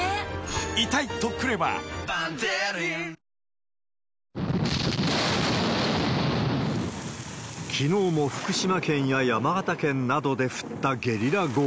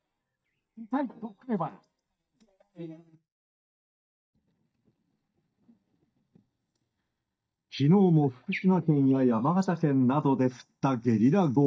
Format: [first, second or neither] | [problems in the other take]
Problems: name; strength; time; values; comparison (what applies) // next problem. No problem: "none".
first | noise reduction (neural mask model DeepFilterNet 3)